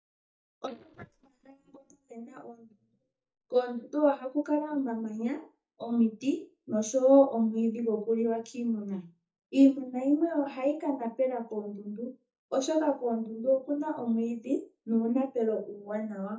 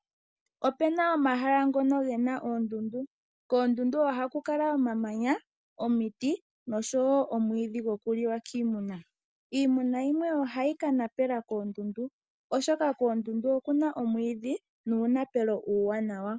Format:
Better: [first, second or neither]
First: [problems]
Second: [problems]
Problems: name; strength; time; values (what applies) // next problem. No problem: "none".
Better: second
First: noise reduction (neural mask model DeepFilterNet 3)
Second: none